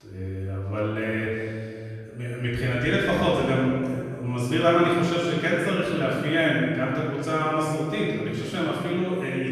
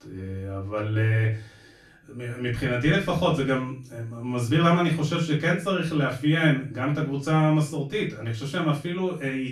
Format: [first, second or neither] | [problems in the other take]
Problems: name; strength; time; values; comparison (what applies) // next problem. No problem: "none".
second | room echo; strong; dies away in 1.9 s; slight in the second // off-mic speech; far; far in the second